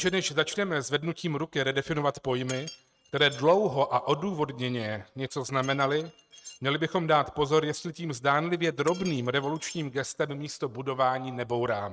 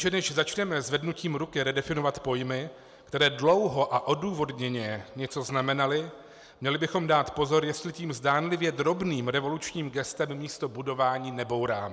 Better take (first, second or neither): second